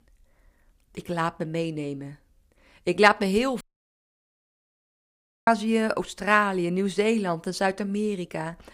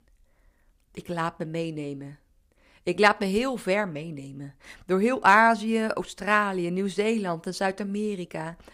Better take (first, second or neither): second